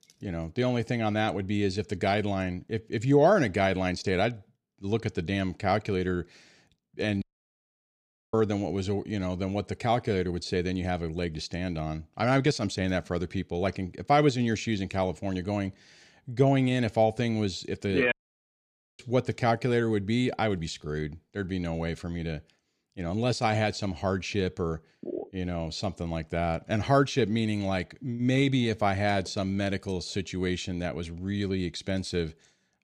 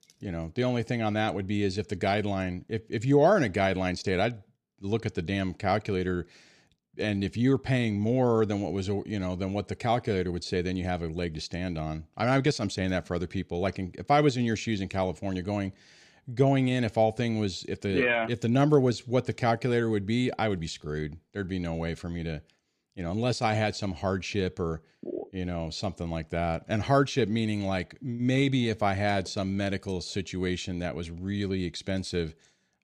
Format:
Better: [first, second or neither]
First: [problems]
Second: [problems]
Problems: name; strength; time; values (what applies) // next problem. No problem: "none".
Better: second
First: audio cutting out; at 7 s for 1 s and at 18 s for 1 s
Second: none